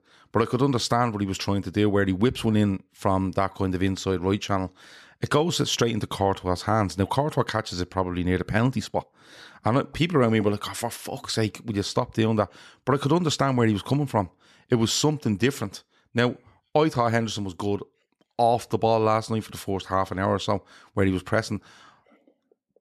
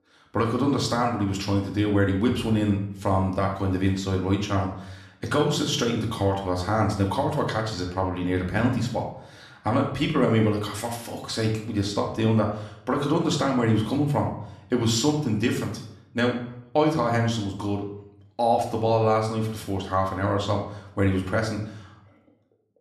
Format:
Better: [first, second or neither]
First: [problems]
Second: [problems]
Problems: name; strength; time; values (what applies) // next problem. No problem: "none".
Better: first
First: none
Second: room echo; slight; dies away in 0.6 s // off-mic speech; somewhat distant